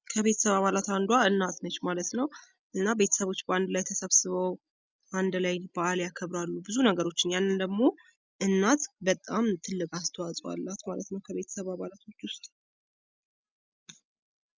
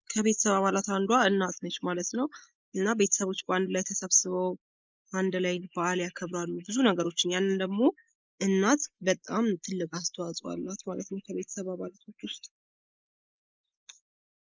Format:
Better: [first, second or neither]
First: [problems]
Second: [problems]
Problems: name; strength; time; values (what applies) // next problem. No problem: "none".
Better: first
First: none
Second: noise reduction (neural mask model Resemble Enhance denoiser)